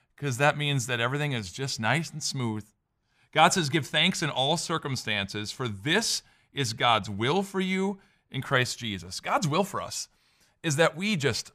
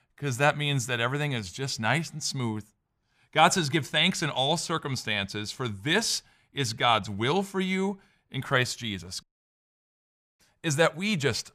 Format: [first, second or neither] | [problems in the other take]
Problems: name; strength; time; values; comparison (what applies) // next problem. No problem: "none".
first | audio cutting out; at 9 s for 1 s